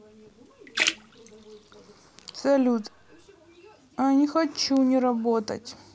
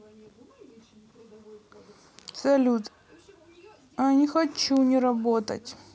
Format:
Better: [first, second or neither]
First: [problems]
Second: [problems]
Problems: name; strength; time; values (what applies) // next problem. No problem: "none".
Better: second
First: background sound (Splash, splatter); 9 dB below the speech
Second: none